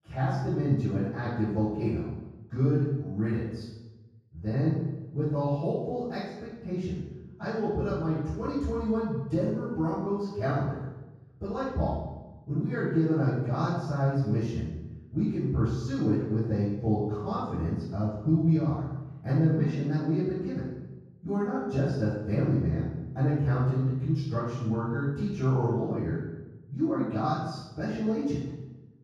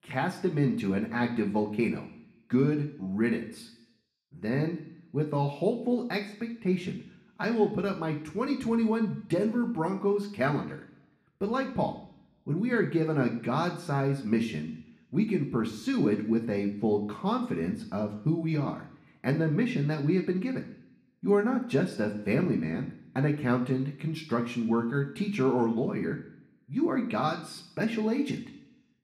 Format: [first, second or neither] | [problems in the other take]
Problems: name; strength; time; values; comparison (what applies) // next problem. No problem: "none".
second | room echo; strong; dies away in 1.3 s; slight in the second // off-mic speech; far; somewhat distant in the second